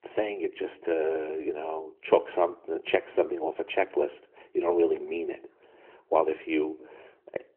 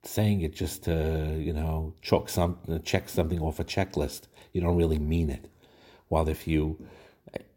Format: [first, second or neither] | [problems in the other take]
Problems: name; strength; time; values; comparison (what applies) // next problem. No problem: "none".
second | phone-call audio; nothing above 3 kHz